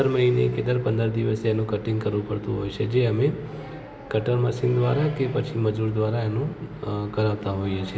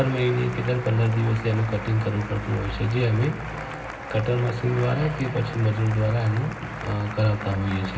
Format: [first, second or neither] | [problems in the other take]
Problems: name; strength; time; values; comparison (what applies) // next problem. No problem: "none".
first | background sound (Applause); 13 dB below the speech // room echo; dies away in 0.4 s